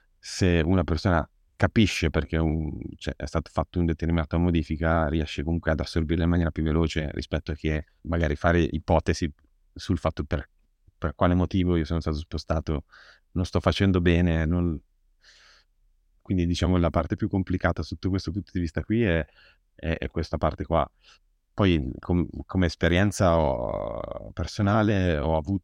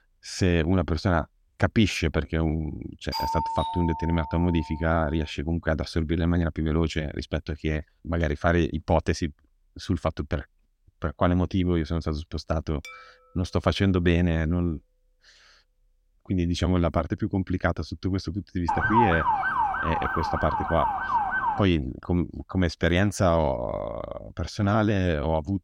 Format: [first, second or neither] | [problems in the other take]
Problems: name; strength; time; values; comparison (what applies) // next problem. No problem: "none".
first | doorbell; noticeable; from 3 to 5 s; peak 2 dB below the speech // clattering dishes; faint; at 13 s; peak 15 dB below the speech // siren; loud; from 19 to 22 s; peak 4 dB above the speech